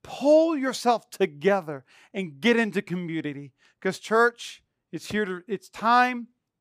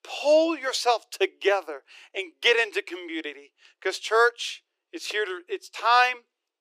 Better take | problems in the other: first | thin; very; fading below 350 Hz

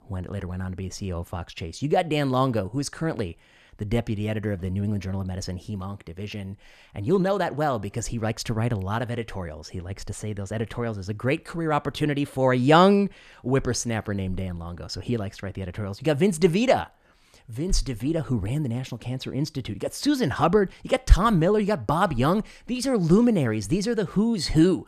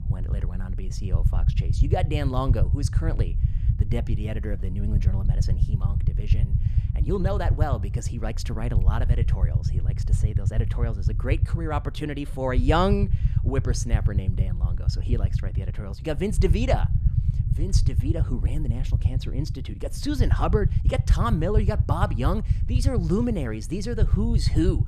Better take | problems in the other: first | low rumble; loud; throughout; 9 dB below the speech

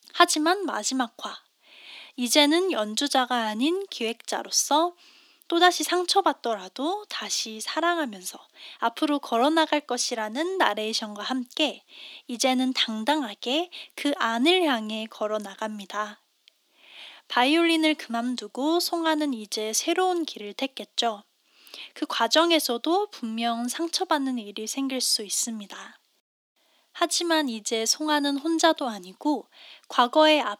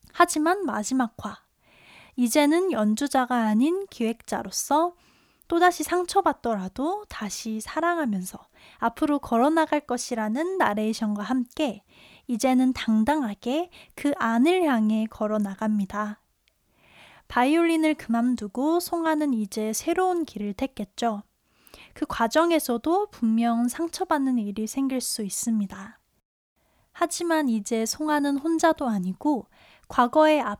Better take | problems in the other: second | thin; very slightly; fading below 250 Hz

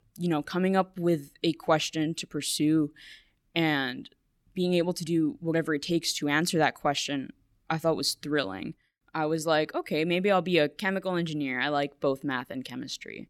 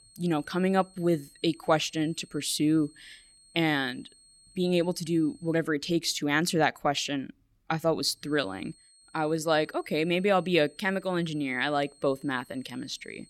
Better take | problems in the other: first | high-pitched whine; faint; until 5.5 s and from 8 s on; 8.5 kHz, 30 dB below the speech

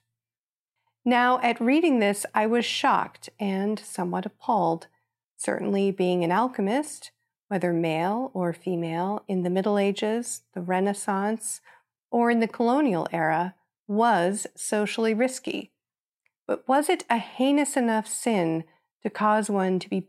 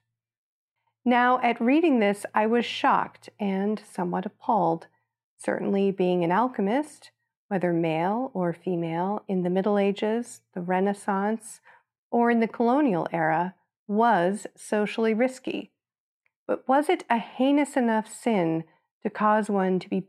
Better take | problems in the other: first | muffled; slightly; fading above 3.5 kHz

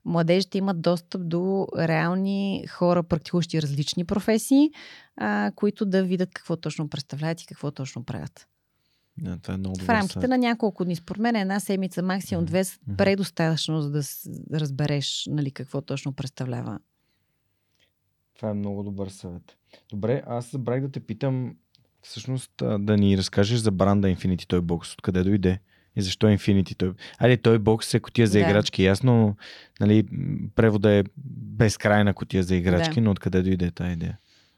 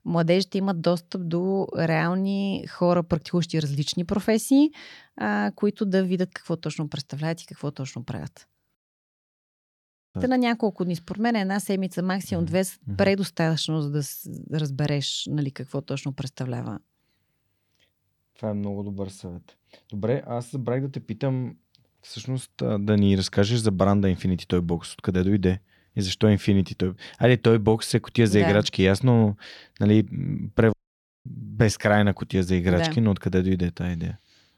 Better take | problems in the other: first | audio cutting out; at 9 s for 1.5 s and at 31 s for 0.5 s

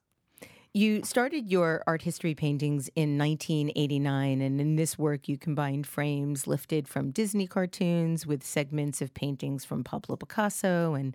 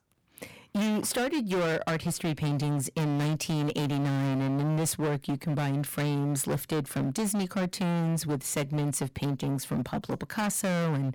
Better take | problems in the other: first | distortion; heavy; 30% of the sound clipped

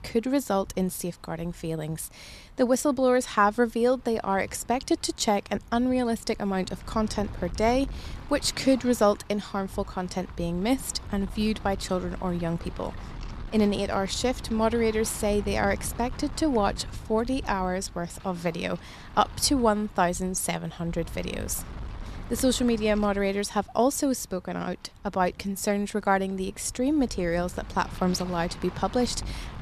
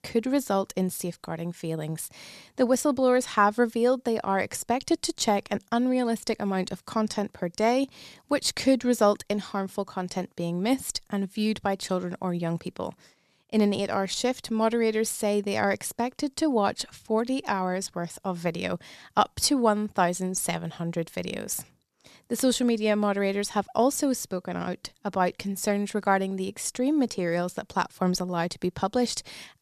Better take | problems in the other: second | wind noise on the microphone; occasional gusts; 20 dB below the speech

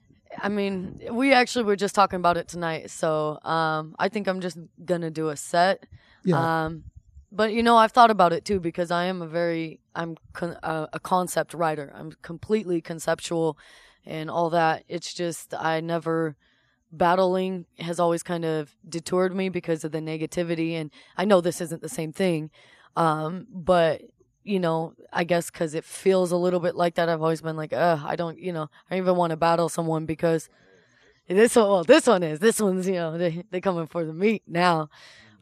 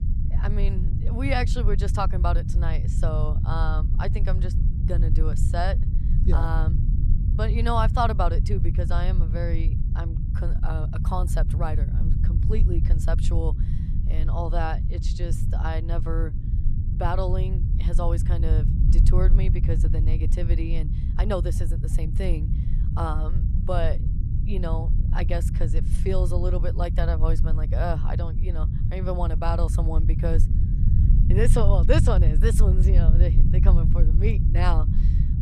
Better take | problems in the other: first | low rumble; loud; throughout; 8 dB below the speech

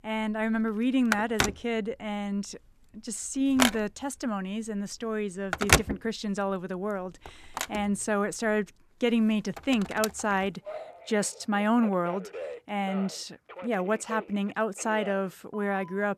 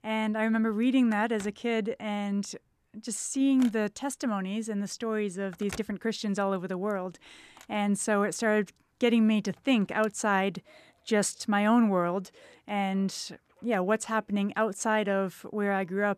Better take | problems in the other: second | alarms or sirens; loud; throughout; 2 dB below the speech; faint in the second

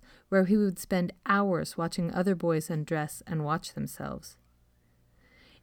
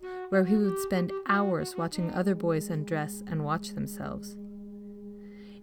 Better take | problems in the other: first | background music; noticeable; throughout; 10 dB below the speech

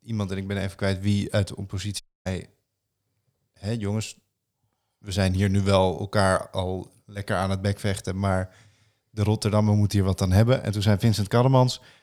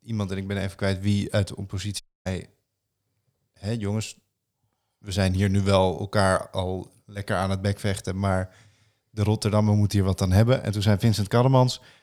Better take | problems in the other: neither | audio cutting out; at 2 s; the same in both

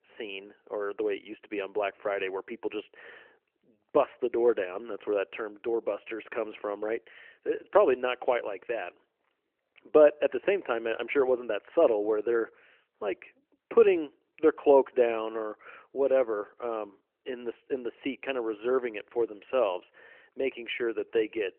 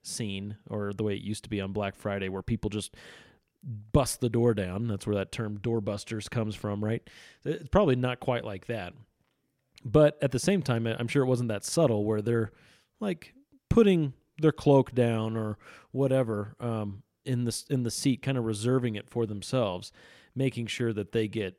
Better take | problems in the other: second | phone-call audio; nothing above 3 kHz

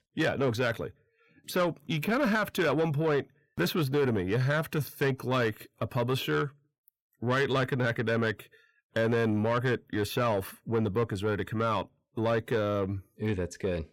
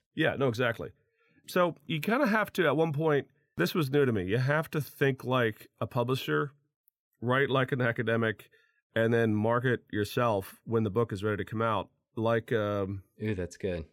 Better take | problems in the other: second | distortion; slight; 10 dB below the speech

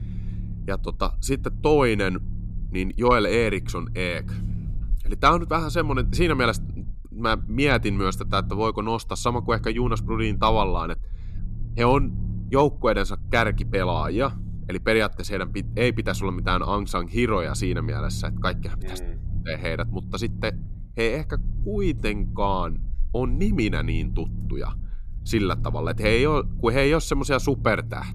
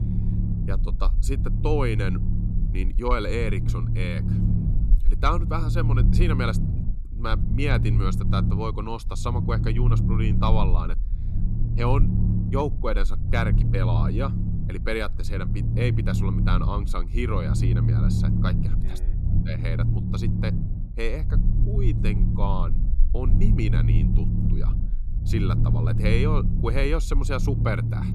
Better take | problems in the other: first | low rumble; loud; throughout; 6 dB below the speech; faint in the first

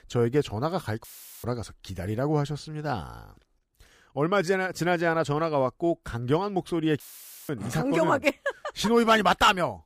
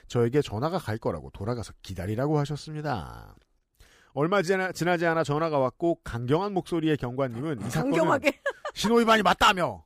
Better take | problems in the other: second | audio cutting out; filled with static; at 1 s and at 7 s

